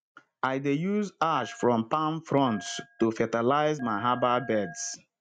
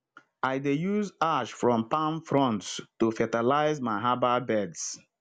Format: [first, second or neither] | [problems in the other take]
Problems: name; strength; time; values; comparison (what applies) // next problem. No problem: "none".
second | noise reduction (neural mask model RNNoise)